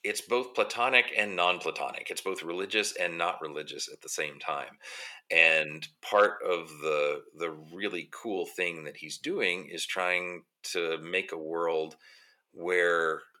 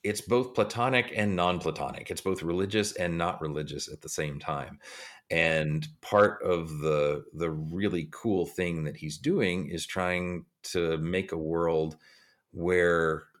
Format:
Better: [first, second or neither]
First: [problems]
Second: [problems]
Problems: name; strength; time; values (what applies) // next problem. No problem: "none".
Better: second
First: thin; somewhat; fading below 450 Hz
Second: none